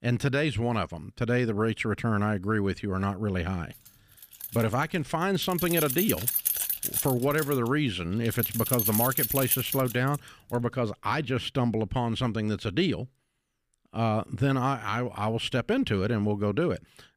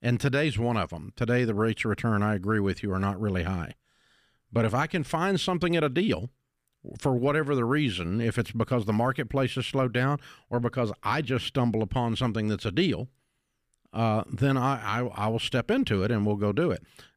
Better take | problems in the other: second | jangling keys; loud; from 4.5 to 10 s; peak 4 dB above the speech

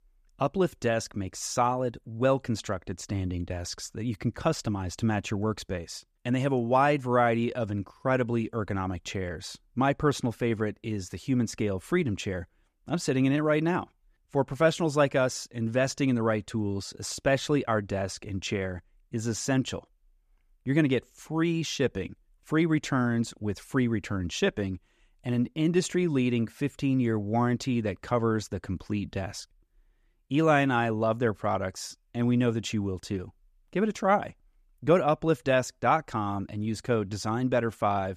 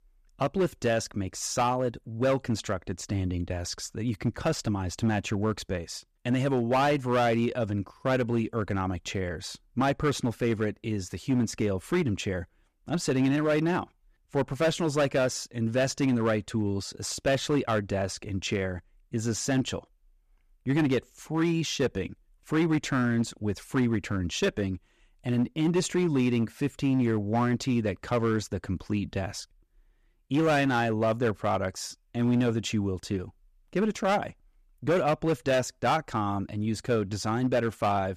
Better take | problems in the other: first | distortion; slight; 5% of the sound clipped

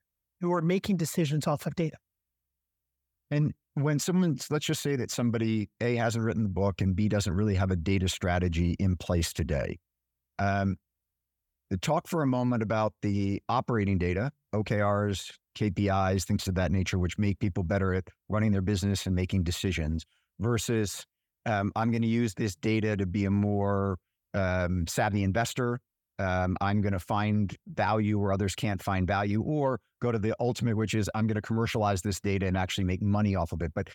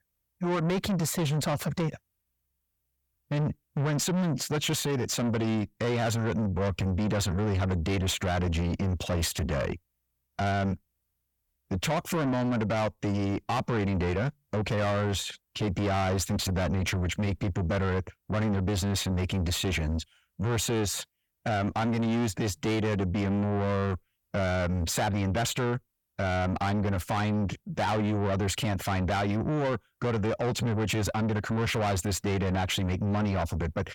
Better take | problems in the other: first | distortion; heavy; 7 dB below the speech

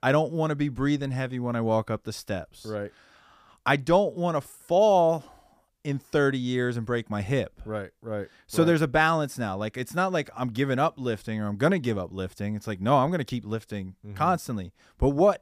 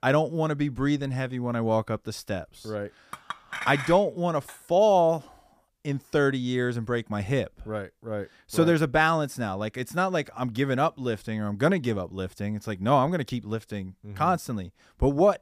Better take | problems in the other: first | clattering dishes; noticeable; from 3 to 4.5 s; peak 6 dB below the speech

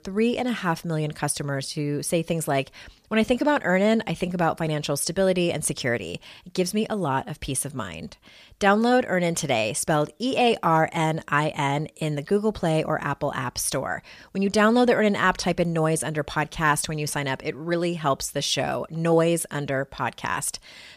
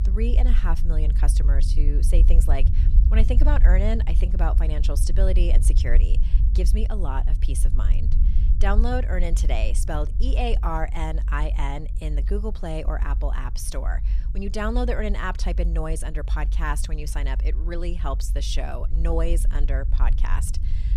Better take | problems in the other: first | low rumble; noticeable; throughout; 15 dB below the speech

